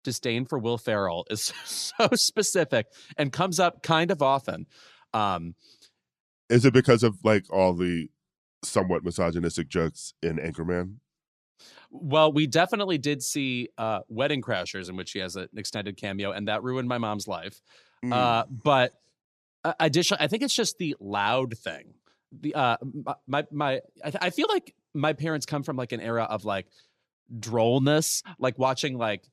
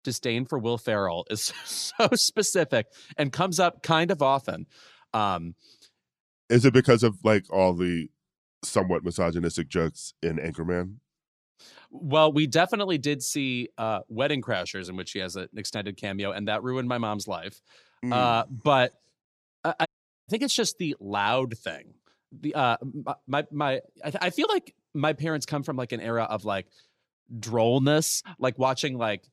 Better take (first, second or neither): first